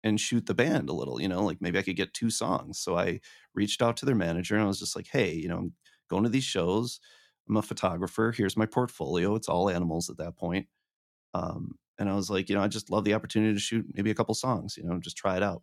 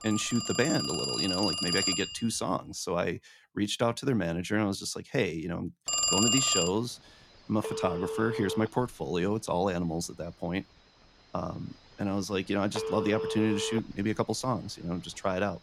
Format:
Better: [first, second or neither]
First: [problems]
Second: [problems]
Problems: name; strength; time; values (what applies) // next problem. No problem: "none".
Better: first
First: none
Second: alarms or sirens; very loud; throughout; 1 dB above the speech